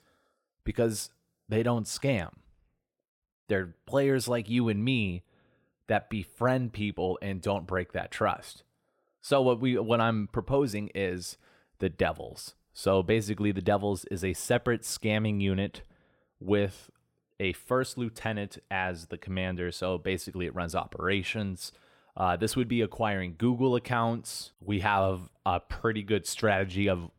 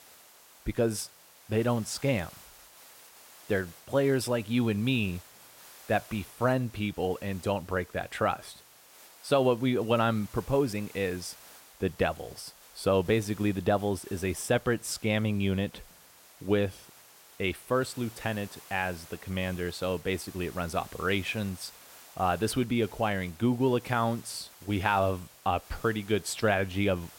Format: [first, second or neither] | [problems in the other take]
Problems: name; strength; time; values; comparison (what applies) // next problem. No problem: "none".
first | hiss; faint; throughout; 20 dB below the speech